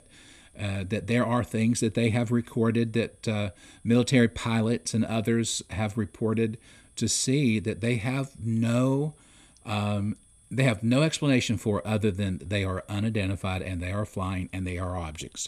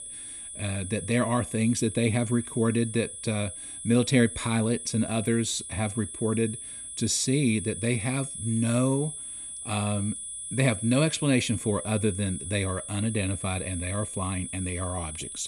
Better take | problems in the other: first | high-pitched whine; loud; throughout; 9.5 kHz, 8 dB below the speech; faint in the first

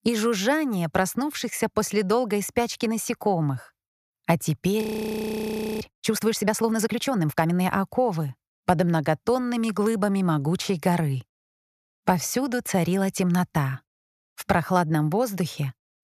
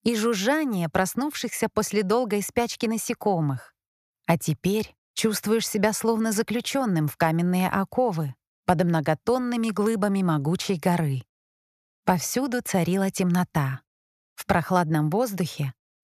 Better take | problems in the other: second | audio freezing; at 5 s for 1 s

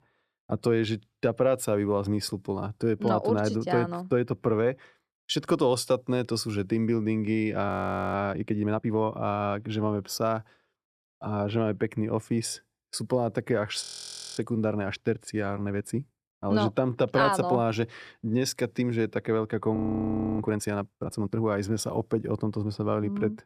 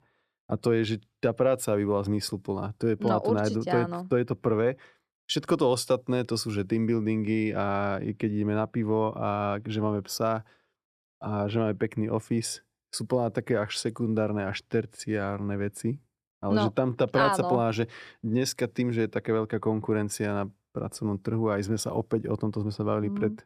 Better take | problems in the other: second | audio freezing; at 7.5 s, at 14 s for 0.5 s and at 20 s for 0.5 s

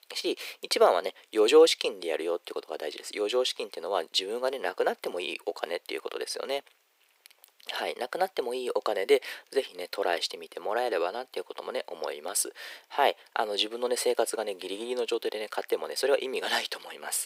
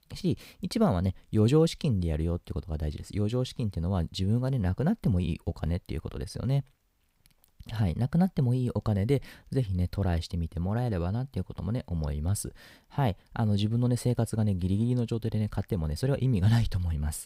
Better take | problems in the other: second | thin; very; fading below 400 Hz

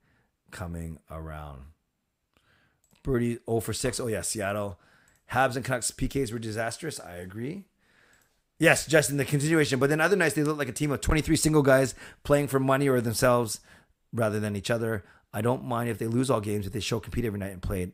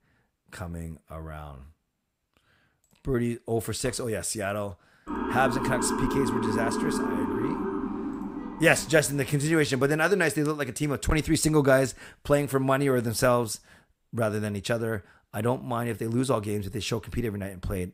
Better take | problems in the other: first | siren; noticeable; from 5 to 9 s; peak 1 dB below the speech

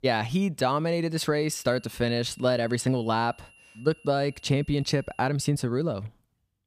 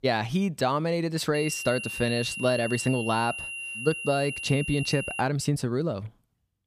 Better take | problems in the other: first | high-pitched whine; loud; from 1.5 to 5 s; 3 kHz, 6 dB below the speech; faint in the first

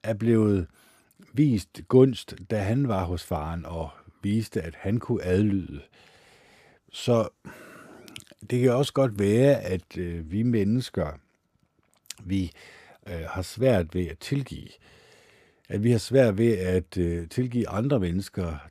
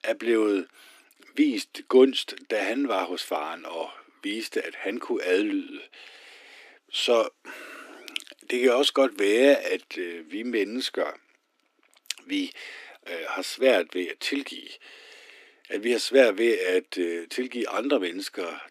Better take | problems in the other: first | thin; somewhat; fading below 250 Hz

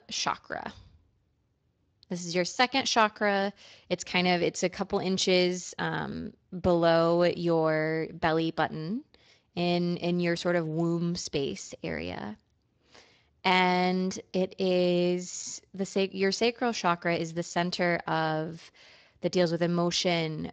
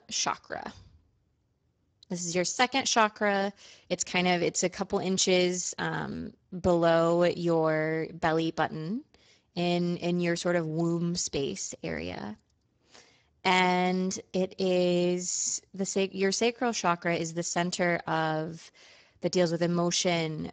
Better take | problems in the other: first | garbled, watery; badly; nothing above 7.5 kHz; slightly in the first

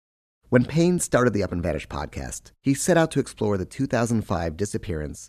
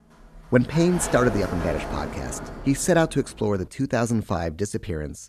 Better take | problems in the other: first | door banging; noticeable; until 3.5 s; peak 6 dB below the speech

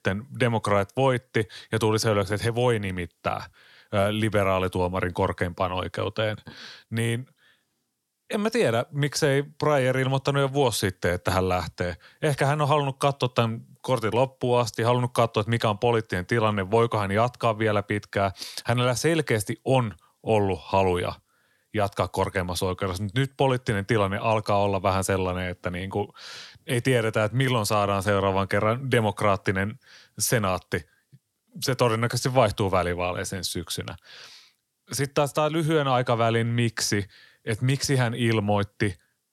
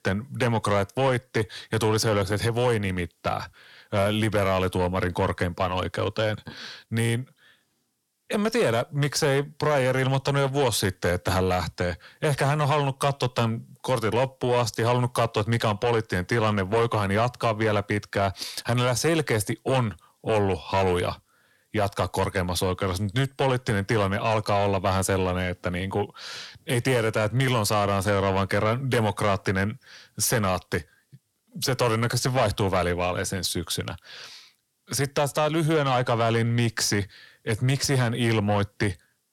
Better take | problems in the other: first | distortion; slight; 10 dB below the speech

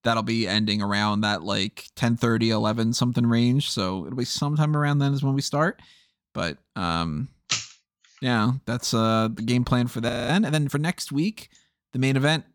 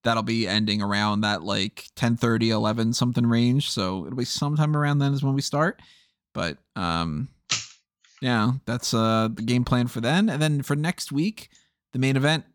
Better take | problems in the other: second | audio freezing; at 10 s

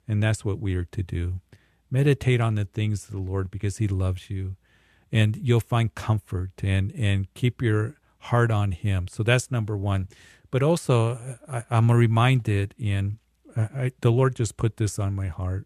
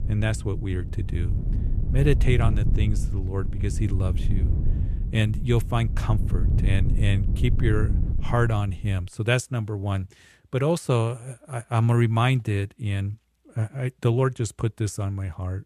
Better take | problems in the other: first | wind noise on the microphone; occasional gusts; until 9 s; 10 dB below the speech

